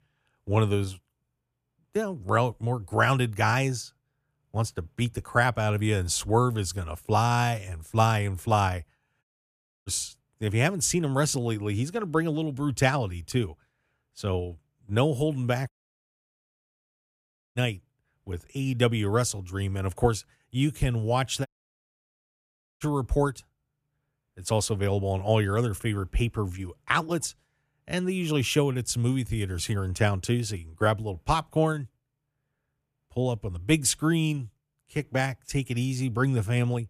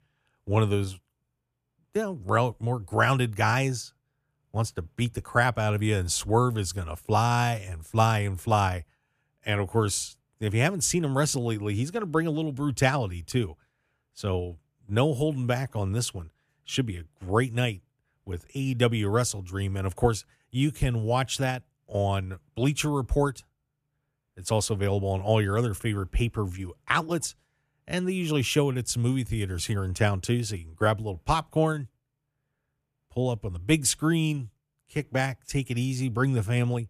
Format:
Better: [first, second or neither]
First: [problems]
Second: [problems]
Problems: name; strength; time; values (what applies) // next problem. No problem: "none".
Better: second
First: audio cutting out; at 9 s for 0.5 s, at 16 s for 2 s and at 21 s for 1.5 s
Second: none